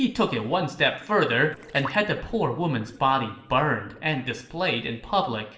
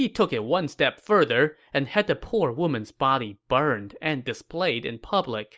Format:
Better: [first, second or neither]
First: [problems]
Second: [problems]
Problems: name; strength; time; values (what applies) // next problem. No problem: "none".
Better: second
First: noise reduction (neural separator model SepFormer DNS4)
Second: none